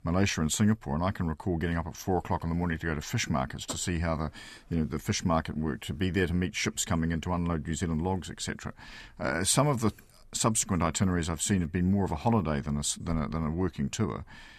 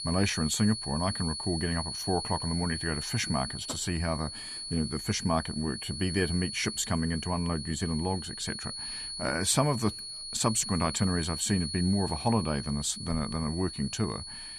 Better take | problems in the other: first | high-pitched whine; loud; throughout; 4.5 kHz, 6 dB below the speech

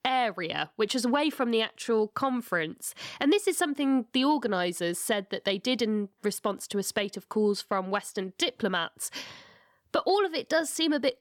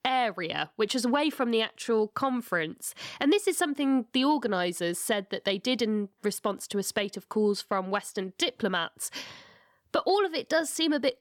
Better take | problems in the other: neither | none

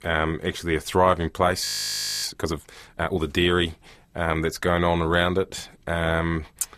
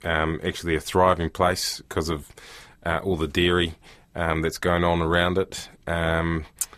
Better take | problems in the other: second | audio freezing; at 1.5 s for 0.5 s

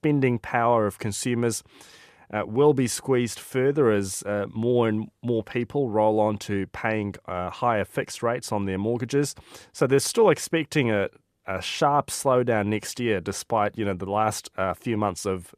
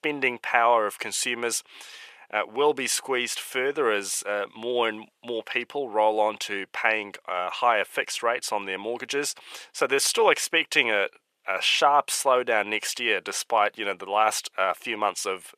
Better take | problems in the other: first | thin; very; fading below 600 Hz

